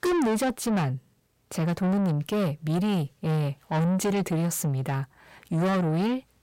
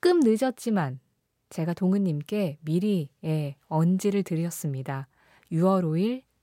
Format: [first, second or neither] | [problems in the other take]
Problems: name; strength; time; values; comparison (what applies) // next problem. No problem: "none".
second | distortion; heavy; 7 dB below the speech